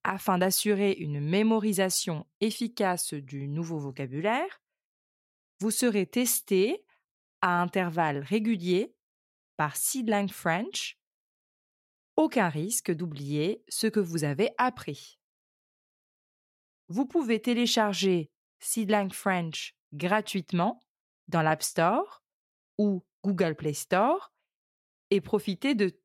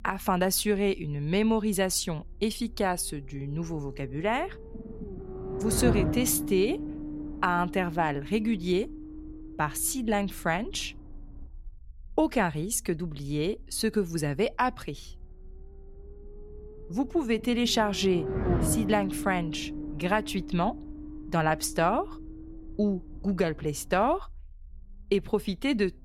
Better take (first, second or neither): first